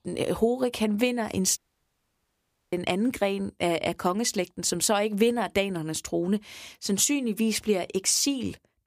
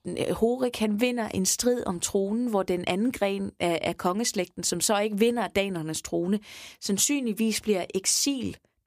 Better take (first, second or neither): second